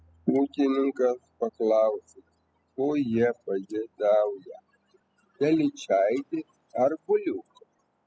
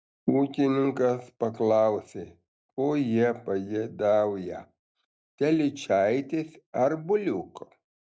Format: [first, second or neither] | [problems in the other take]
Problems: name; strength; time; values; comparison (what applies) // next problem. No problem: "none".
second | noise reduction (classical method spectral subtraction)